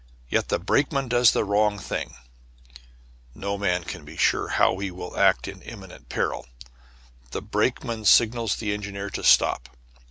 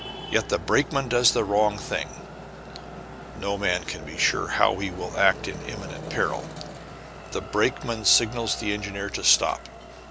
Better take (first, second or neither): first